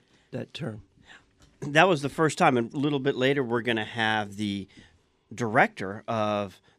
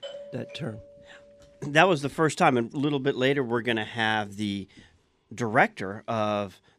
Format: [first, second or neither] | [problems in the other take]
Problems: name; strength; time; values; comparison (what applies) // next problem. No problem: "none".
first | doorbell; faint; until 1.5 s; peak 15 dB below the speech